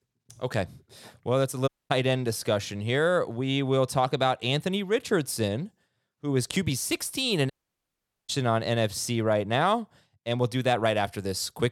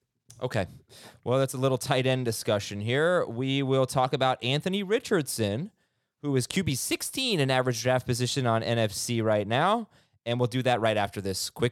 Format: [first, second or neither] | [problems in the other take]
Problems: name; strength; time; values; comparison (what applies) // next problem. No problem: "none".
second | audio cutting out; at 1.5 s and at 7.5 s for 1 s